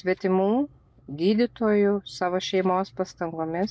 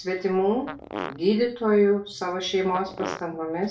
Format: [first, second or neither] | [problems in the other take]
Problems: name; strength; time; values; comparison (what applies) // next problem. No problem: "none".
first | background sound (Fart); 12 dB below the speech // room echo; dies away in 0.3 s